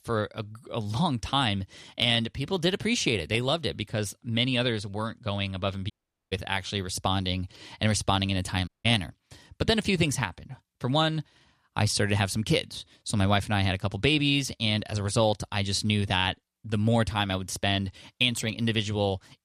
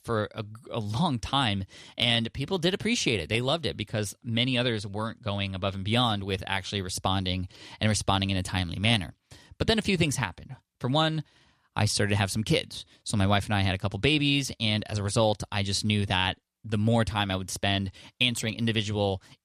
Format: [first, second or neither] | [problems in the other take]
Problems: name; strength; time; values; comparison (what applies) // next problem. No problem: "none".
second | audio cutting out; at 6 s and at 8.5 s